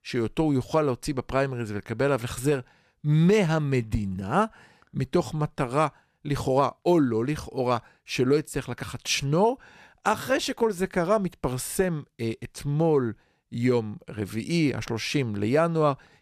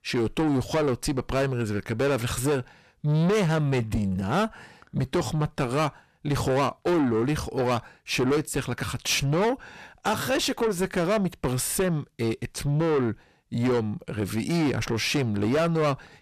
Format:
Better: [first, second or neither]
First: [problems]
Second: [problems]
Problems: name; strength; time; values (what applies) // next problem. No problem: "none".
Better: first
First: none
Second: distortion; heavy; 7 dB below the speech